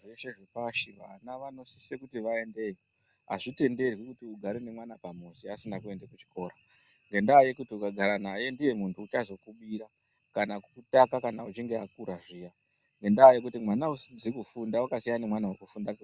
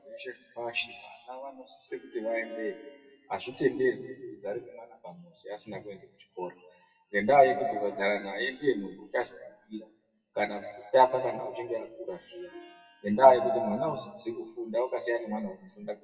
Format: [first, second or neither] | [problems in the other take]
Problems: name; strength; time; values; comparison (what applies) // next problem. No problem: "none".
first | noise reduction (classical method WPE with log-MMSE)